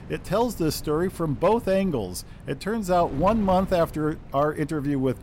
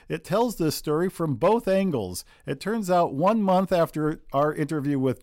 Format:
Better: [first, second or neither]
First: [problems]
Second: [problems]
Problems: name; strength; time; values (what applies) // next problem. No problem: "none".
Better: second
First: wind noise on the microphone; occasional gusts; 25 dB below the speech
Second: none